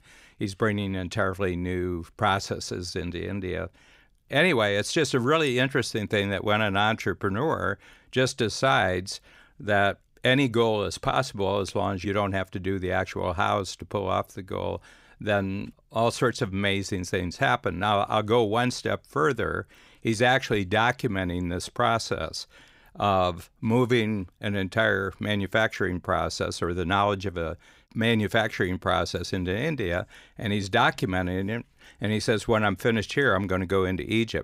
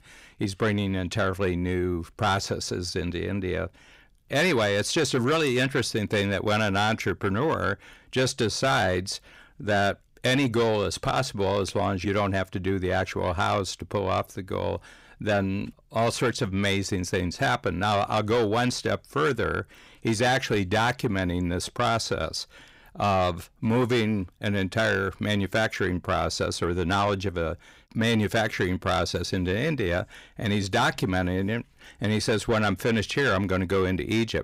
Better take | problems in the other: first | distortion; slight; 10 dB below the speech

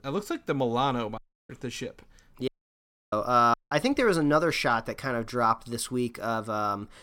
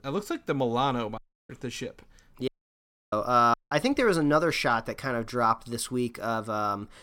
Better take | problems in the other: neither | audio cutting out; at 1 s, at 2.5 s for 0.5 s and at 3.5 s; the same in both

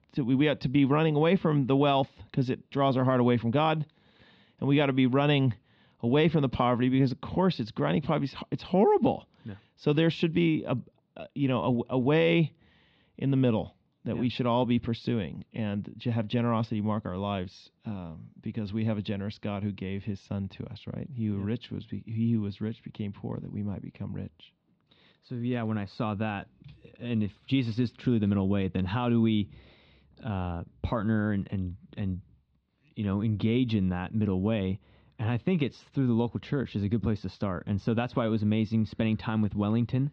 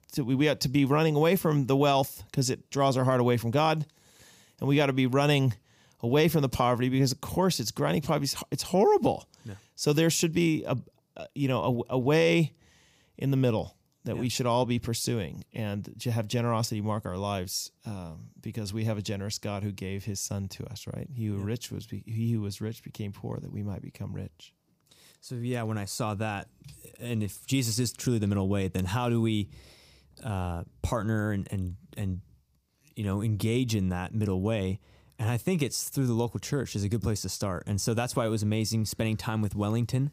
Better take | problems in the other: second | muffled; very; fading above 4 kHz

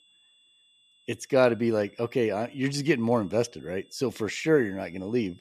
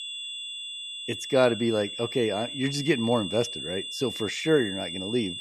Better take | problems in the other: first | high-pitched whine; loud; throughout; 3.5 kHz, 7 dB below the speech; faint in the first

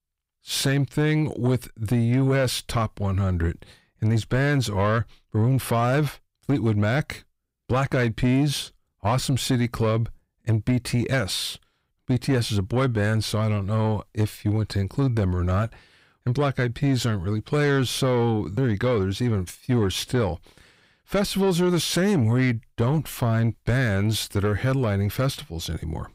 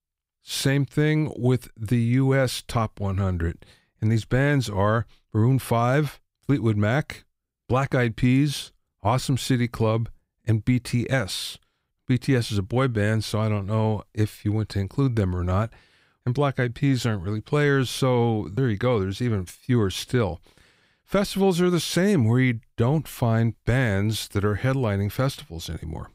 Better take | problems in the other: second | distortion; slight; 10 dB below the speech

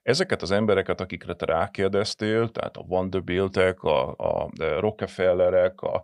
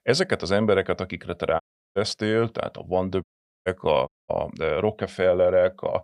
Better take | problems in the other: first | audio cutting out; at 1.5 s, at 3 s and at 4 s

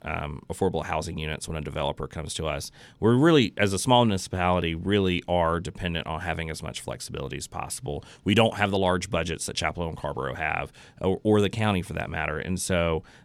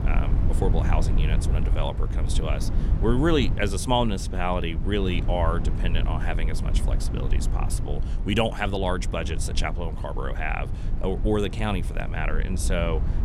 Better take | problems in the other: first | low rumble; noticeable; throughout; 10 dB below the speech

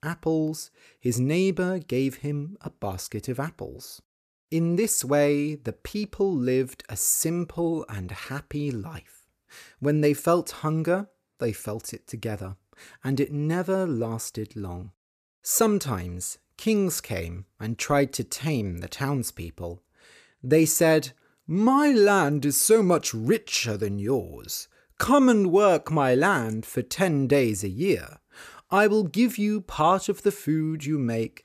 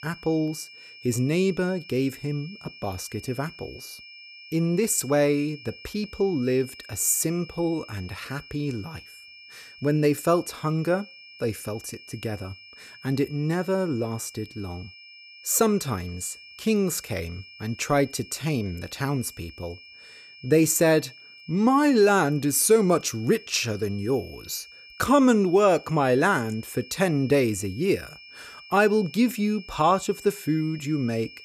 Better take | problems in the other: first | high-pitched whine; noticeable; throughout; 2.5 kHz, 20 dB below the speech

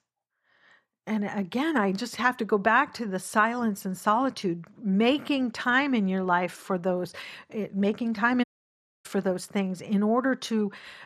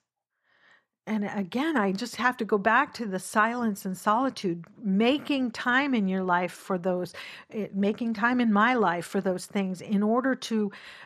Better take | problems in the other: second | audio cutting out; at 8.5 s for 0.5 s

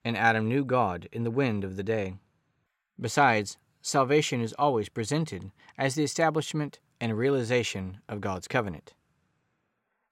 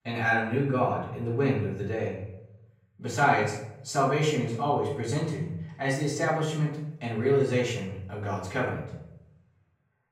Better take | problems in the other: first | off-mic speech; far // room echo; noticeable; dies away in 0.8 s

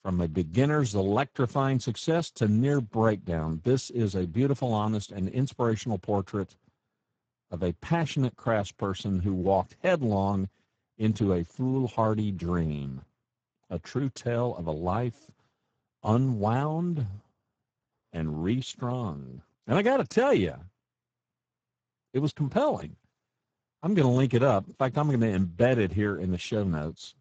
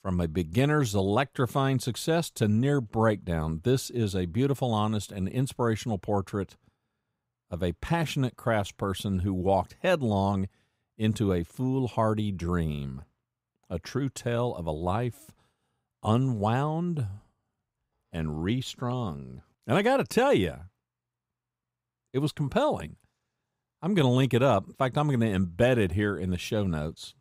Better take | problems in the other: second | garbled, watery; badly; nothing above 7.5 kHz

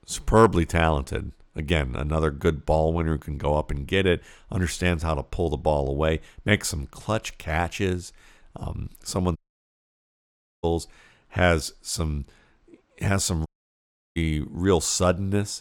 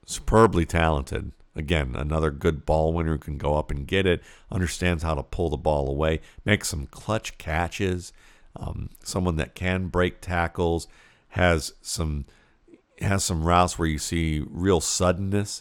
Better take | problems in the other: second | audio cutting out; at 9.5 s for 1.5 s and at 13 s for 0.5 s

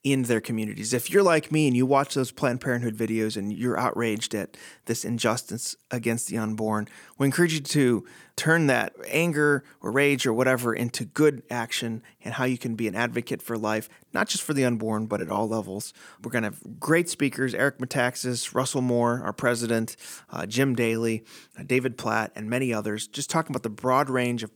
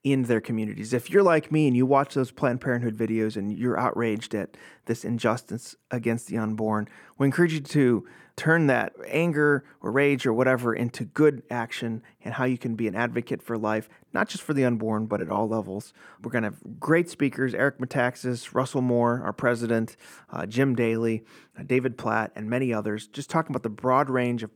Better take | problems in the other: first | muffled; slightly; fading above 3 kHz

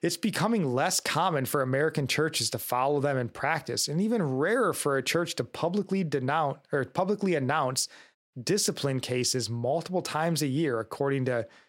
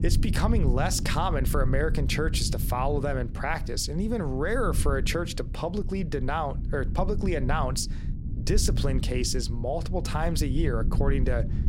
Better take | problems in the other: first | low rumble; noticeable; throughout; 15 dB below the speech

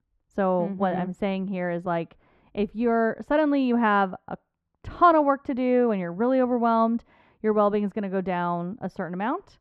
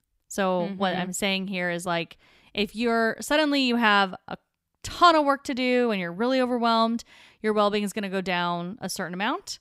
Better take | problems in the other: second | muffled; very; fading above 3 kHz

